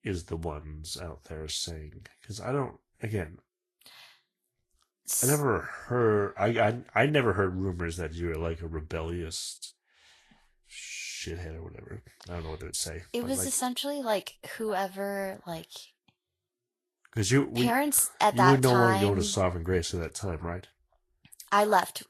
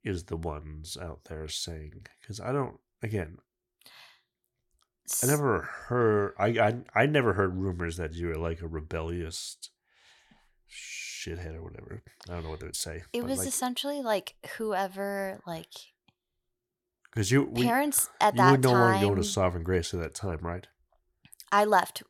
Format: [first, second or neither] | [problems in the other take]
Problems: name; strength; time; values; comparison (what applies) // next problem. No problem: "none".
second | garbled, watery; slightly; nothing above 12.5 kHz